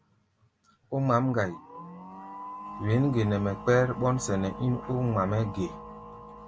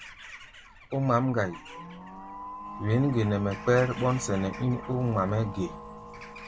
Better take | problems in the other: first | background sound (Bird vocalization, bird call, bird song / Crow); 20 dB below the speech

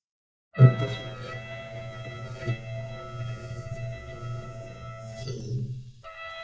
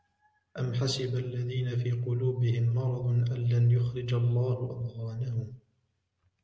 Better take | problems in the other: second | noise reduction (neural mask model DeepFilterNet 3)

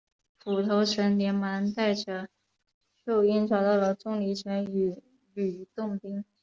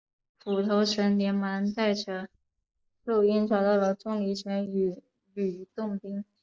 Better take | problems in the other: first | noise reduction (neural mask model Resemble Enhance denoiser)

